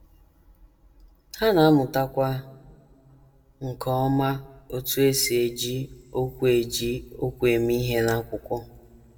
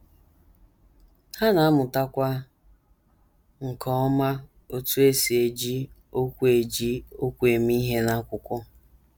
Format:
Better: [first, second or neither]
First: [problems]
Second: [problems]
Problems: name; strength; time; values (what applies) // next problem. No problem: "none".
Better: second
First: room echo; dies away in 0.5 s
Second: none